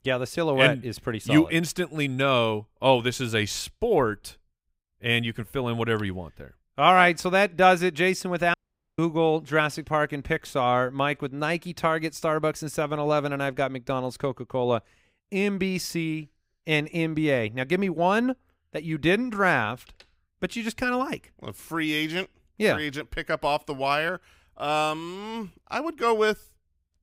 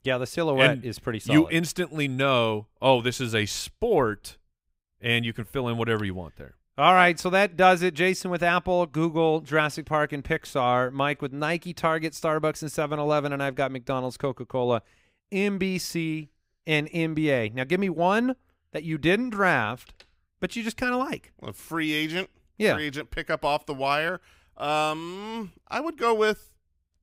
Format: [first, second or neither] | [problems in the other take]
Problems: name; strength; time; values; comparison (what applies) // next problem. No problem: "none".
second | audio cutting out; at 8.5 s